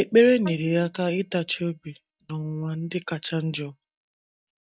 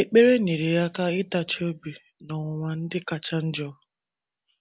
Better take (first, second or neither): second